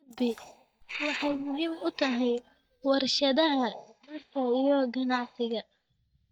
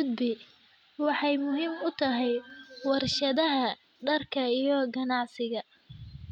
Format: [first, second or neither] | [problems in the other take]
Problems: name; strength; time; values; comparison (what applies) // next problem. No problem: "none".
second | noise reduction (neural mask model DeepFilterNet 3)